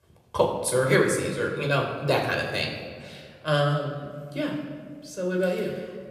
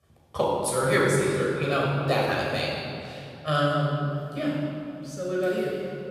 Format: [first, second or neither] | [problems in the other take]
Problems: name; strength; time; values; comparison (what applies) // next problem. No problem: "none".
first | room echo; strong; dies away in 2.6 s; slight in the first // off-mic speech; far; somewhat distant in the first